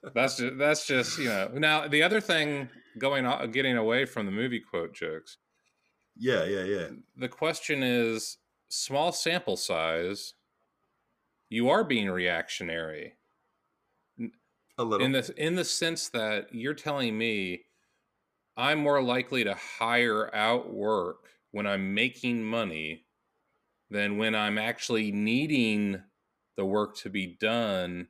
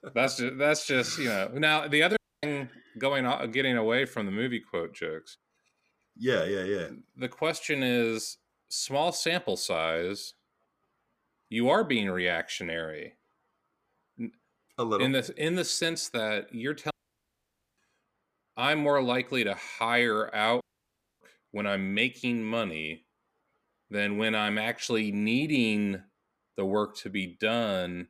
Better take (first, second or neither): first